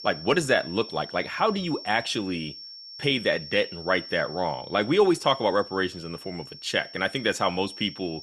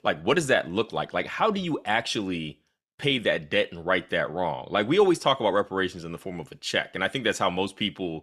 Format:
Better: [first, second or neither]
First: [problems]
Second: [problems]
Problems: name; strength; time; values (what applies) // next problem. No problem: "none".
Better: second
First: high-pitched whine; noticeable; throughout; 5.5 kHz, 15 dB below the speech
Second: none